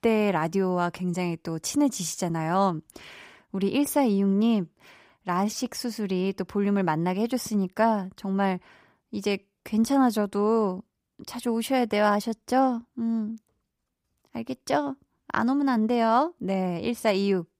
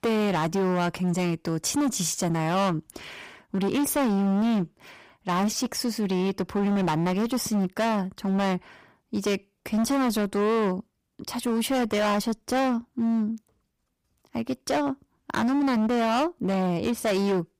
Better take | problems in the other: first | distortion; heavy; 20% of the sound clipped

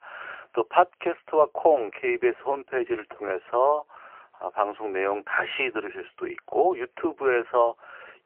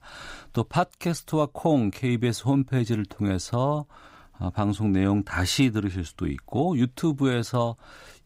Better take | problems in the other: second | phone-call audio; poor line; nothing above 3 kHz

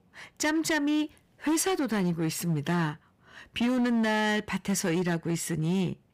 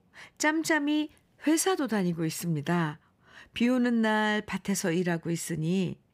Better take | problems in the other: second | distortion; slight; 14% of the sound clipped

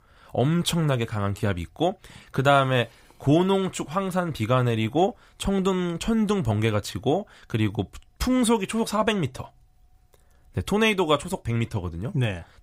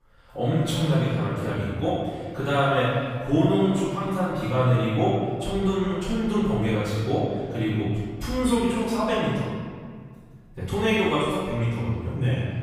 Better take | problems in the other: first | off-mic speech; far // room echo; strong; dies away in 1.8 s

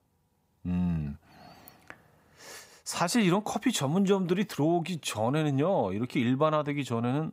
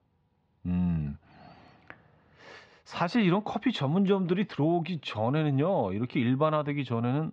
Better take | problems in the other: first | muffled; slightly; fading above 4 kHz

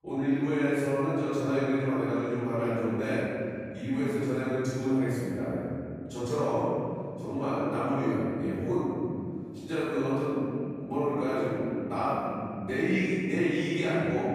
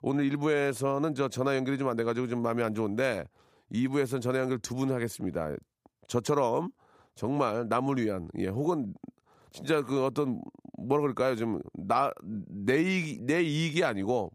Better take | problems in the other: second | room echo; strong; dies away in 2.9 s // off-mic speech; far

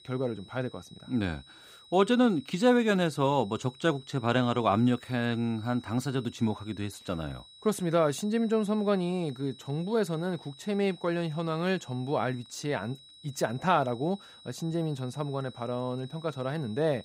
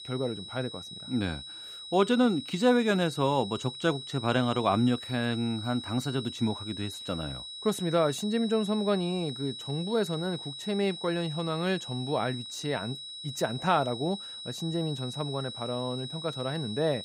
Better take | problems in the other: first | high-pitched whine; loud; throughout; 4 kHz, 9 dB below the speech; faint in the first

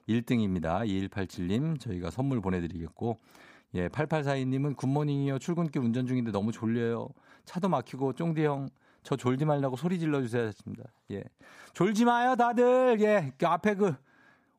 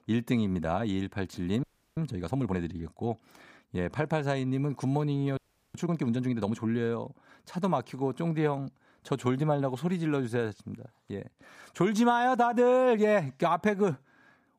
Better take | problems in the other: first | audio freezing; at 1.5 s and at 5.5 s

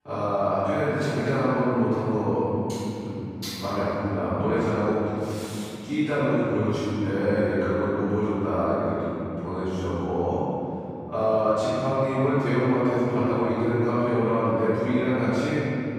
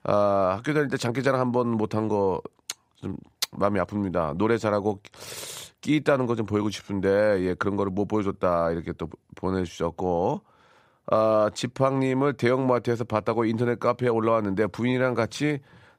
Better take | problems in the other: second | off-mic speech; far // room echo; strong; dies away in 3 s

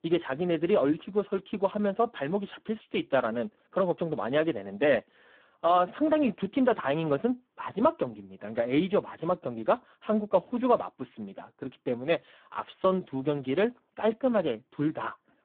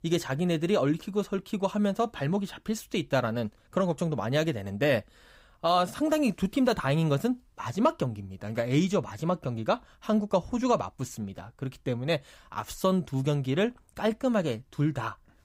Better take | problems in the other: second | phone-call audio; poor line

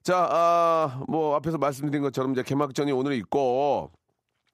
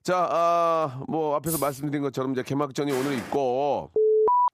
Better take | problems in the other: first | jangling keys; noticeable; at 1.5 s; peak 6 dB below the speech // footsteps; noticeable; at 3 s; peak 9 dB below the speech // alarm; loud; at 4 s; peak 6 dB above the speech

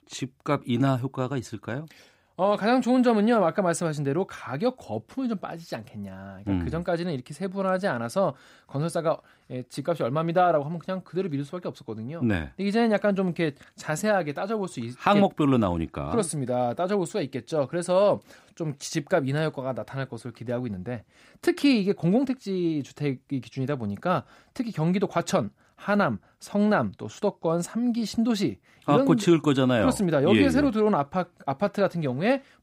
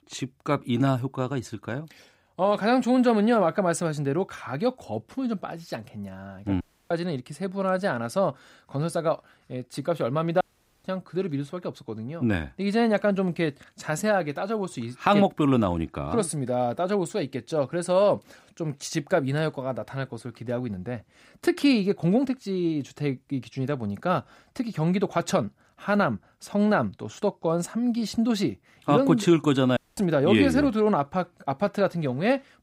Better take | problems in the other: first | audio cutting out; at 6.5 s, at 10 s and at 30 s

